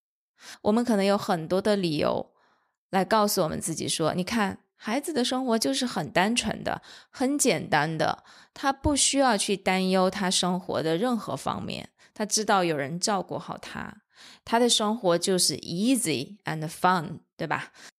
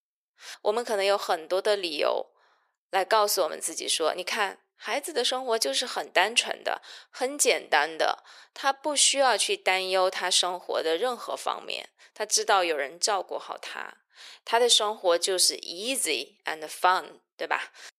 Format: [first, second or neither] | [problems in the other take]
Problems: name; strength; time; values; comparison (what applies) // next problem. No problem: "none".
first | thin; very; fading below 450 Hz